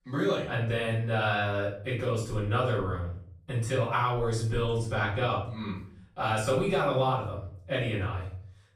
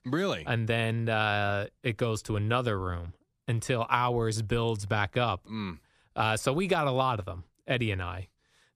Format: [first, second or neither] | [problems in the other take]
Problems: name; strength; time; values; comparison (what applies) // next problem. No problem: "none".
second | off-mic speech; far // room echo; noticeable; dies away in 0.5 s